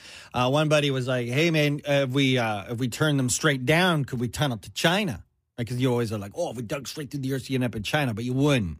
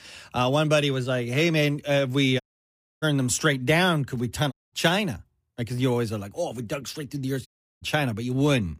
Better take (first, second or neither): first